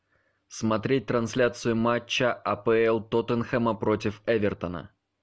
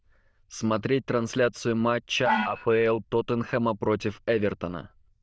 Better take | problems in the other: first | noise reduction (neural diffusion model UNIVERSE++)

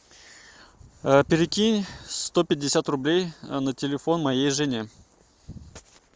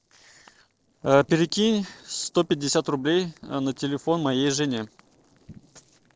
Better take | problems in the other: first | noise reduction (neural separator model SepFormer DNS4)

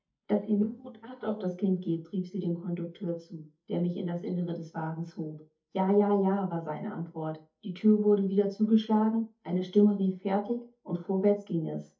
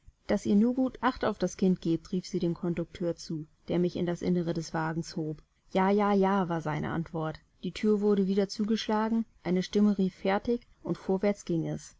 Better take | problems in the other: second | noise reduction (neural mask model DeepFilterNet 3)

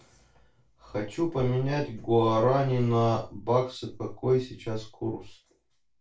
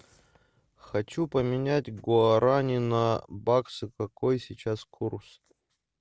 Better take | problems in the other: second | room echo; dies away in 0.2 s

